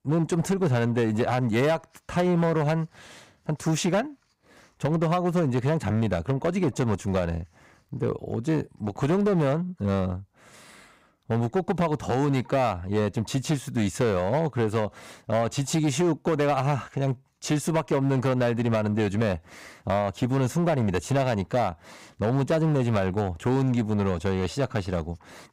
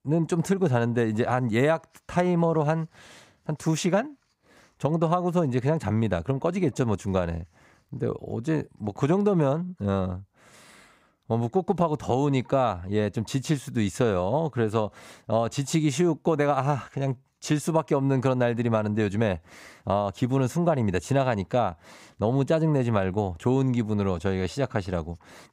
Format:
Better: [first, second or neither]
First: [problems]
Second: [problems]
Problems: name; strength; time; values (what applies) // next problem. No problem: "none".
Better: second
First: distortion; slight; 9% of the sound clipped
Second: none